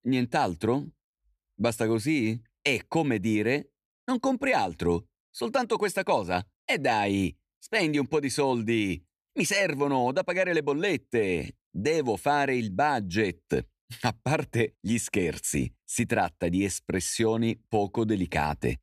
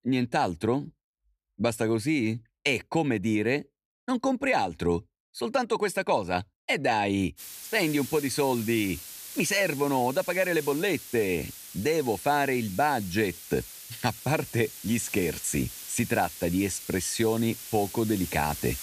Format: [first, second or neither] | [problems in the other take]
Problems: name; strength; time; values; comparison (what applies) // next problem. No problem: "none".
first | hiss; noticeable; from 7.5 s on; 10 dB below the speech